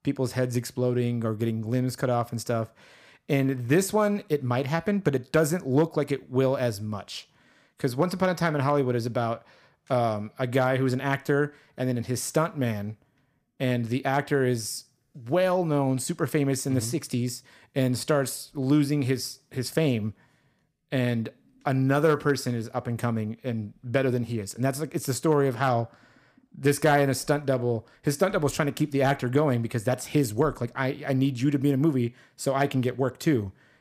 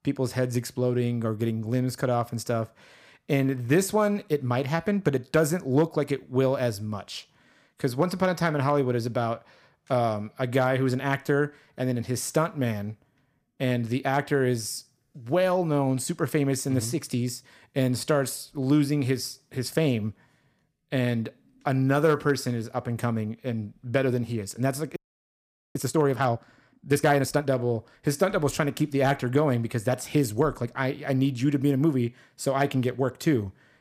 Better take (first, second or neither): first